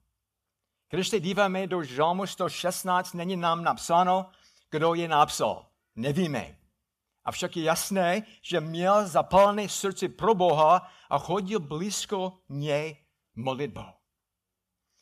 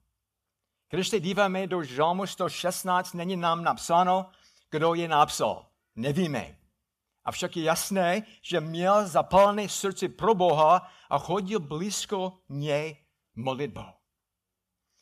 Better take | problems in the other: neither | none

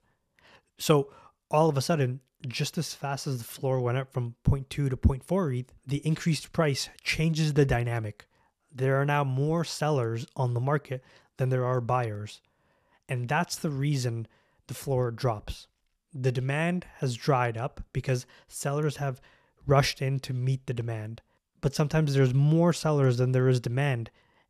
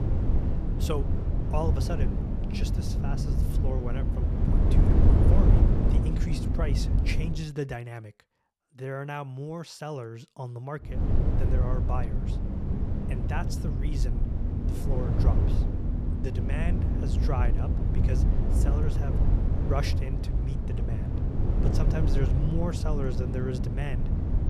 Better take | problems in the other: first | low rumble; loud; until 7.5 s and from 11 s on; 1 dB below the speech

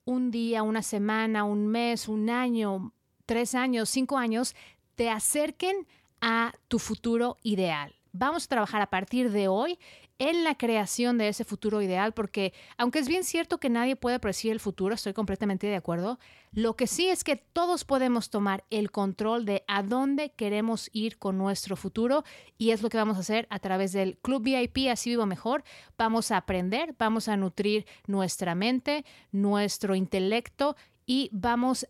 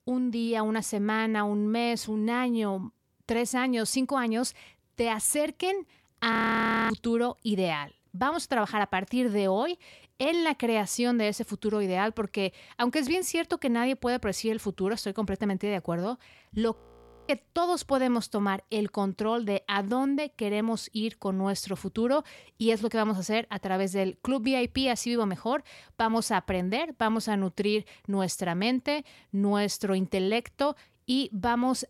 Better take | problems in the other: first | audio freezing; at 6.5 s for 0.5 s and at 17 s for 0.5 s

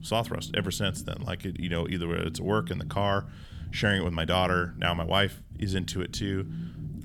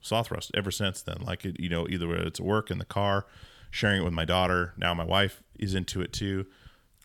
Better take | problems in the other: second | low rumble; faint; throughout; 20 dB below the speech

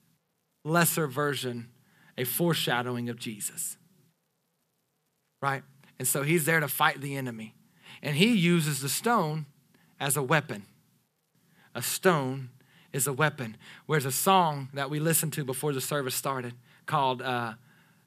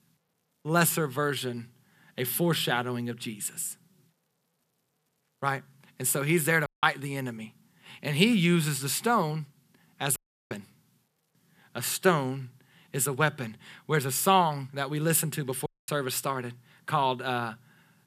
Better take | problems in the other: first | audio cutting out; at 6.5 s, at 10 s and at 16 s

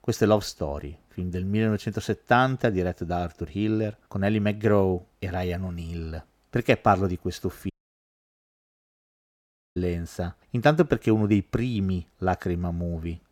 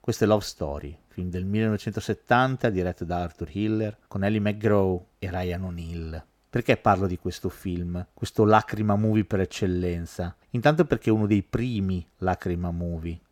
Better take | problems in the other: second | audio cutting out; at 7.5 s for 2 s

